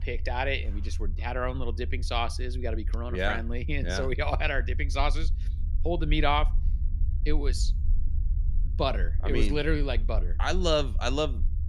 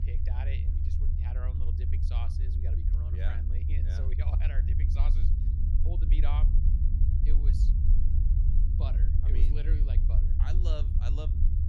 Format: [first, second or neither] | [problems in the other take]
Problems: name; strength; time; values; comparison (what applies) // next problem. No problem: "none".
first | low rumble; loud; throughout; as loud as the speech; faint in the first